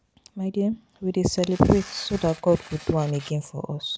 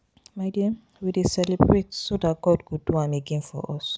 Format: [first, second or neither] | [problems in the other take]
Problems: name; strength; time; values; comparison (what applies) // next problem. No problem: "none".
second | background sound (Tearing); 19 dB below the speech